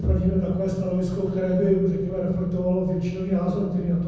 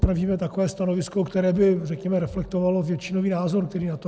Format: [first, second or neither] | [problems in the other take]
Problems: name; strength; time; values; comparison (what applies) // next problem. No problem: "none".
second | background sound (Motor vehicle (road)); 19 dB below the speech // room echo; dies away in 1.1 s